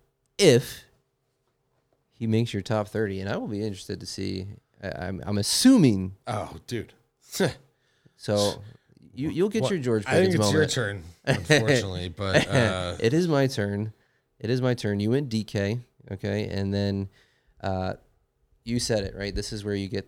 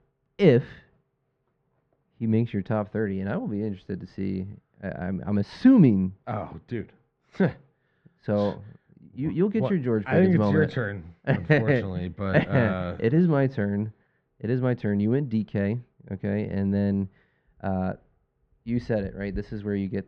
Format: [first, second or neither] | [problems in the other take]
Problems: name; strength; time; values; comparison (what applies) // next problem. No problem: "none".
first | muffled; very; fading above 2.5 kHz